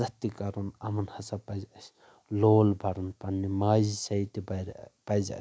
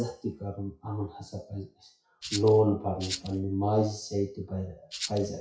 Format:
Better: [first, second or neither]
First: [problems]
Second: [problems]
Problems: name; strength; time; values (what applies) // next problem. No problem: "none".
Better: first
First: none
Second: noise reduction (classical method WPE with log-MMSE)